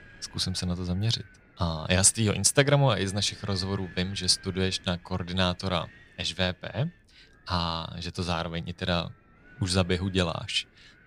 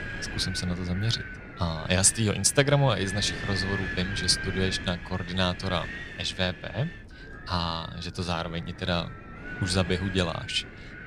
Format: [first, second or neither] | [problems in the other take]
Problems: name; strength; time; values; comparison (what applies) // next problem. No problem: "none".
first | wind noise on the microphone; heavy; 8 dB below the speech; occasional gusts in the first